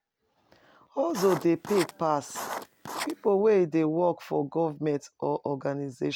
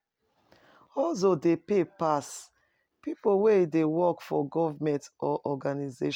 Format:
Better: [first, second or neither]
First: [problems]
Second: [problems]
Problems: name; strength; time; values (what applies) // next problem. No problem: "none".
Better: second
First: background sound (Writing); 10 dB below the speech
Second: none